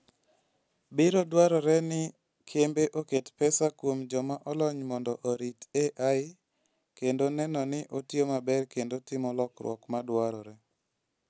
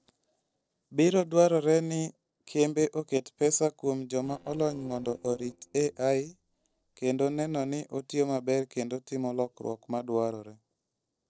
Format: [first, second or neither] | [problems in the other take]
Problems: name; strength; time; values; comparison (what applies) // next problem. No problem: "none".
first | noise reduction (neural separator model SepFormer DNS4)